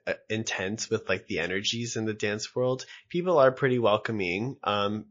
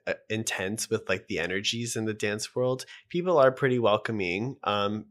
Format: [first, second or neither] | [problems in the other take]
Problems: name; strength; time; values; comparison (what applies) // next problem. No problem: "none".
second | garbled, watery; slightly; nothing above 6.5 kHz